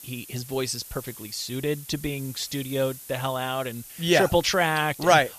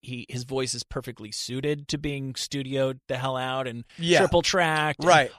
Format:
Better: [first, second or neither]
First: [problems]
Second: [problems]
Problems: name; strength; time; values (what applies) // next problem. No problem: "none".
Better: second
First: hiss; noticeable; throughout; 15 dB below the speech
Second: none